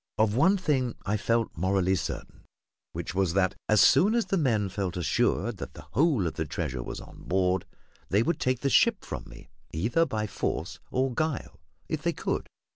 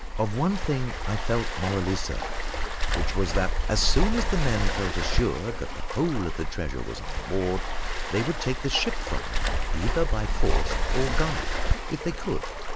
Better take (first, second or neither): first